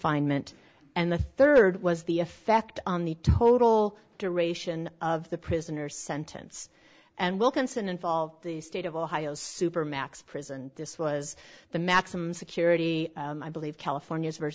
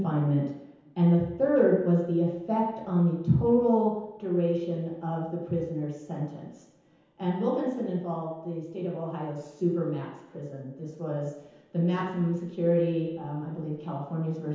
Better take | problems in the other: first | room echo; dies away in 0.9 s

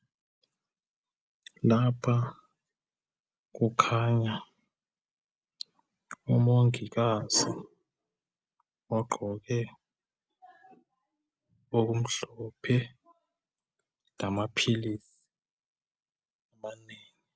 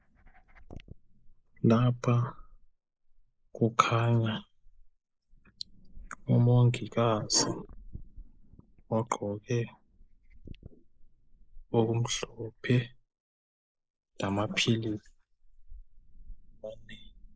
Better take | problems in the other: first | noise reduction (neural mask model Resemble Enhance denoiser)

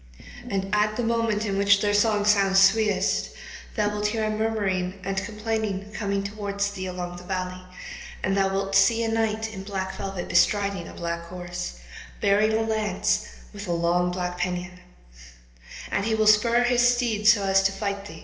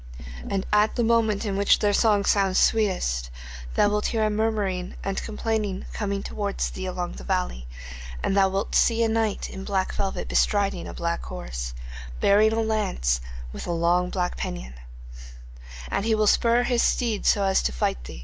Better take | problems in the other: second | room echo; dies away in 0.8 s

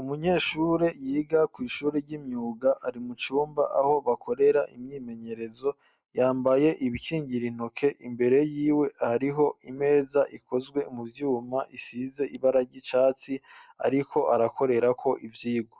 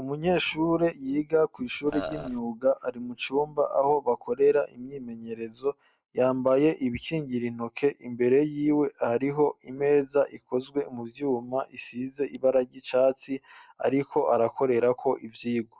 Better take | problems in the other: first | background sound (Burping, eructation); 9 dB below the speech

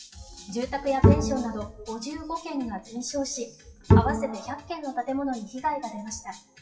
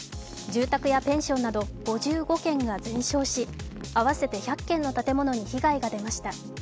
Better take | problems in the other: second | noise reduction (classical method WPE with log-MMSE)

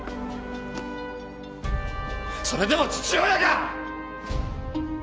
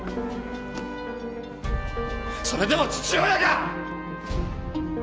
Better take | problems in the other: first | background sound (Piano); 10 dB below the speech

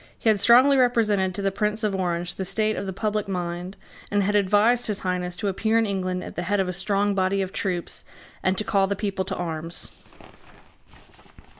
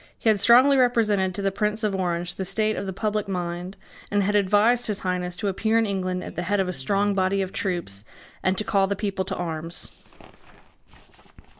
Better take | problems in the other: first | noise reduction (neural separator model SepFormer DNS4)

